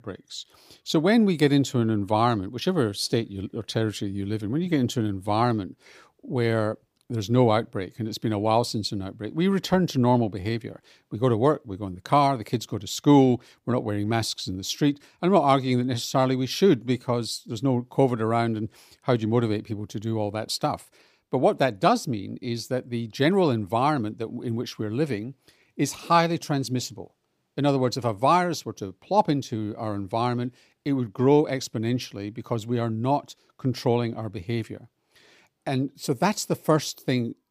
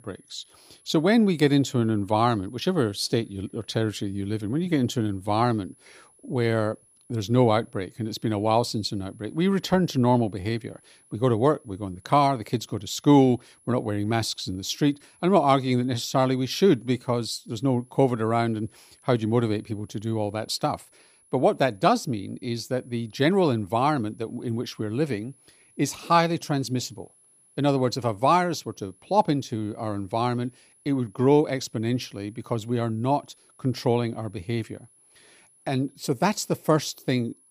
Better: first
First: none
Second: high-pitched whine; faint; throughout; 10.5 kHz, 30 dB below the speech

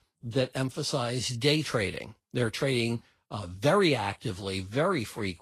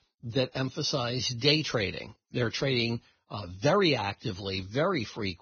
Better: first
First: garbled, watery; slightly; nothing above 12.5 kHz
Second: garbled, watery; badly; nothing above 6.5 kHz

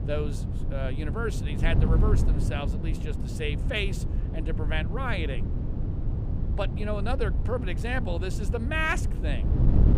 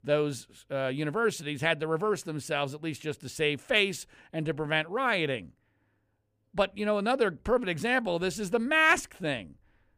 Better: second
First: wind noise on the microphone; heavy; 9 dB below the speech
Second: none

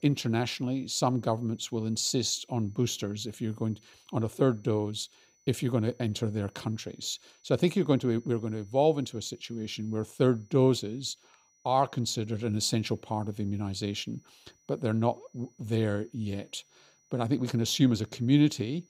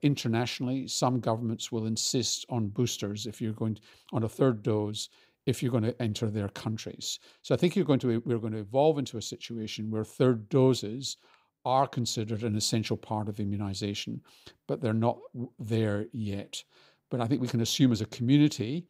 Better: second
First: high-pitched whine; faint; throughout; 6 kHz, 35 dB below the speech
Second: none

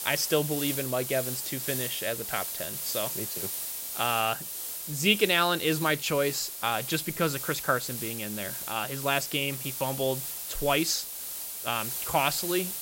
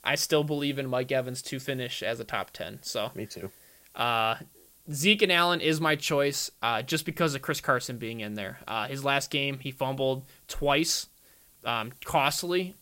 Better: second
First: hiss; loud; throughout; 4 dB below the speech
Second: hiss; faint; throughout; 25 dB below the speech

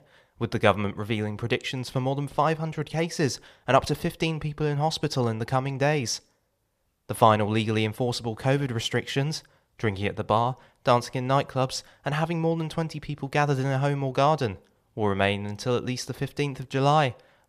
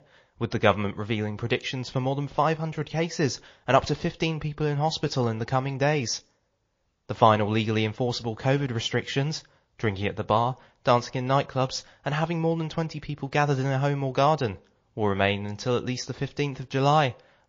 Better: first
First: none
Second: garbled, watery; slightly; nothing above 6.5 kHz

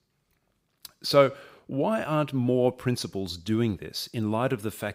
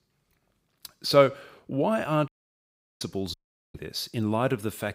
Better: first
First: none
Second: audio cutting out; at 2.5 s for 0.5 s and at 3.5 s

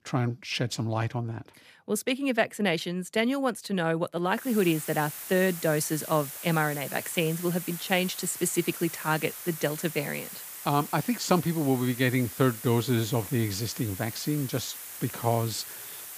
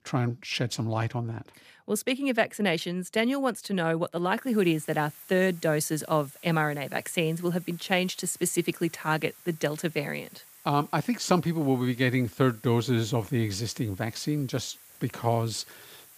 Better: second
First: hiss; loud; from 4.5 s on; 10 dB below the speech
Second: hiss; faint; from 4.5 s on; 20 dB below the speech

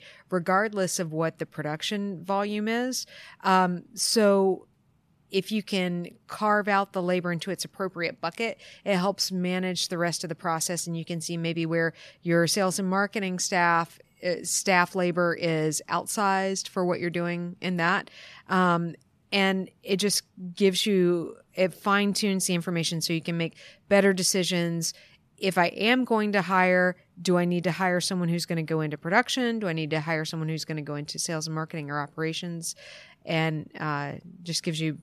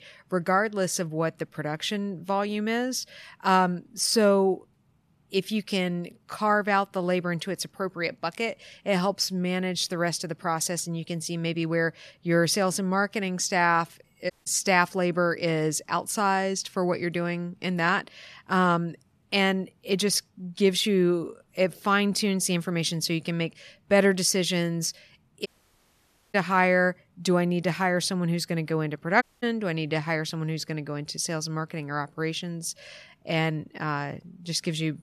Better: first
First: none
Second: audio cutting out; at 14 s, at 25 s for 1 s and at 29 s

